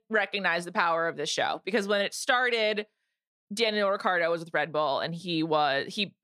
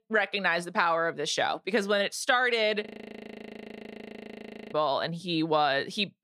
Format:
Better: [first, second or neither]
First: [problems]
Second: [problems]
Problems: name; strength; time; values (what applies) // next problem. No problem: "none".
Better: first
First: none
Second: audio freezing; at 3 s for 2 s